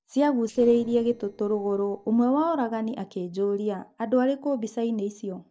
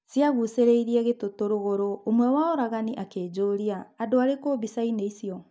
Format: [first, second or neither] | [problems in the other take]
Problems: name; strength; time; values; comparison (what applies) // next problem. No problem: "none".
second | noise reduction (neural separator model SepFormer DNS4)